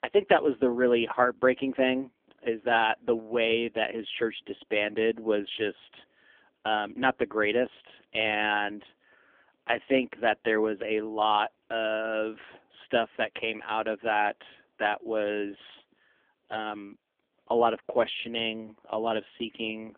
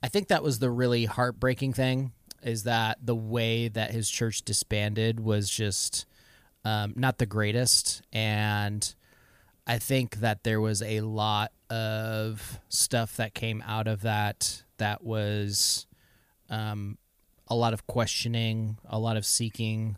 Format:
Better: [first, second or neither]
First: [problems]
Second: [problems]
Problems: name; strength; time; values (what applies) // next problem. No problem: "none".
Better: second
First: phone-call audio; poor line; nothing above 3.5 kHz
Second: none